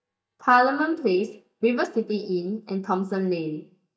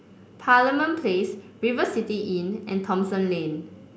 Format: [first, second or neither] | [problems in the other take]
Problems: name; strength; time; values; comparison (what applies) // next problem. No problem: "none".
second | noise reduction (neural mask model DeepFilterNet 3)